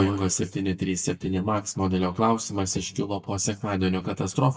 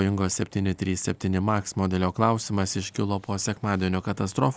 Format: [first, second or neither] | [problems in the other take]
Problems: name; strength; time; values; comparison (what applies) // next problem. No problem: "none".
second | noise reduction (neural mask model DeepFilterNet 3)